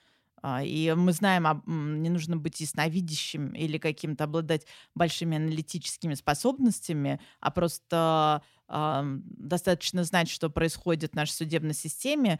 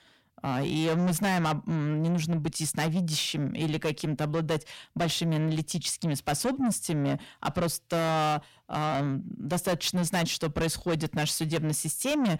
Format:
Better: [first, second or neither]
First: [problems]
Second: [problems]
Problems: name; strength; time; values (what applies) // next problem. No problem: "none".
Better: first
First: none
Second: distortion; heavy; 7 dB below the speech